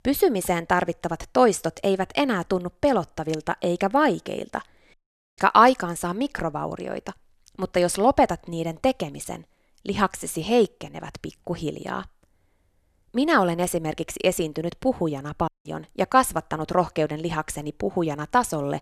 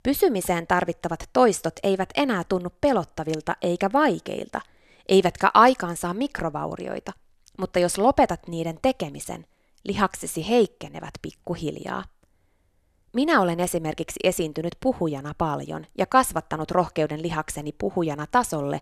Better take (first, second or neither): second